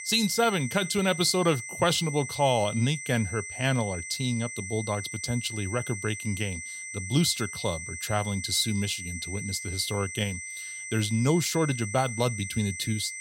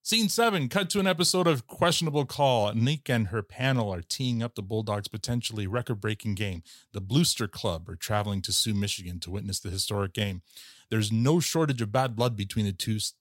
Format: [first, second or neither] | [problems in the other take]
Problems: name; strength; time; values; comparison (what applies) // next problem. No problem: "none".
second | high-pitched whine; loud; throughout; 2 kHz, 8 dB below the speech